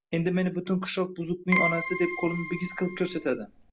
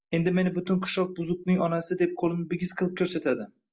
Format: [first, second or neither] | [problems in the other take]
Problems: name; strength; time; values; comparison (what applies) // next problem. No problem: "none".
second | background sound (Keyboard (musical)); 4 dB below the speech